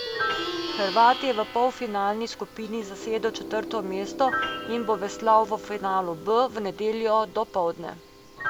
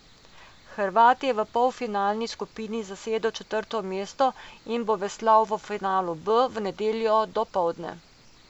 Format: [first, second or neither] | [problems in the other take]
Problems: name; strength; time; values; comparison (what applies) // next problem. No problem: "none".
second | background sound (Plucked string instrument + Piano); 8 dB below the speech